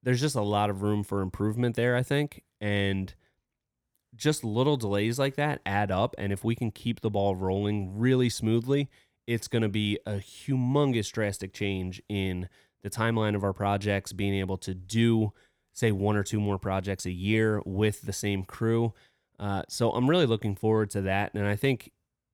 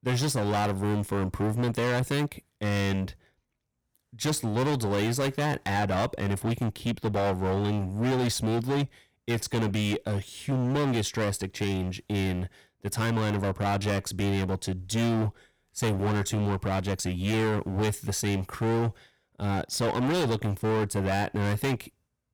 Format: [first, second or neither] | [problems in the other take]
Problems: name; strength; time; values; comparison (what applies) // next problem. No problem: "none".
first | distortion; heavy; 23% of the sound clipped